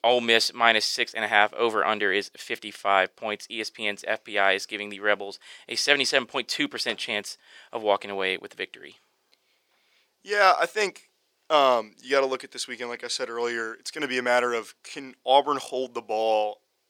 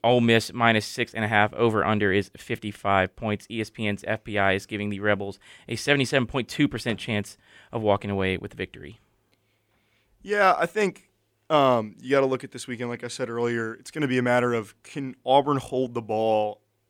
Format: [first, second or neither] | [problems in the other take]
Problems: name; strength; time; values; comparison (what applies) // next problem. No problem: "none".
second | thin; somewhat; fading below 450 Hz